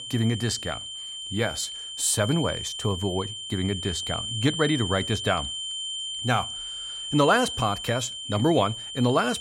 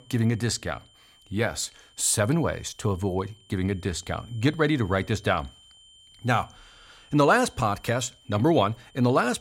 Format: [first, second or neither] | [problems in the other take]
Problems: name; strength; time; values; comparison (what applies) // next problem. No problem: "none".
second | high-pitched whine; loud; throughout; 3 kHz, 6 dB below the speech; faint in the second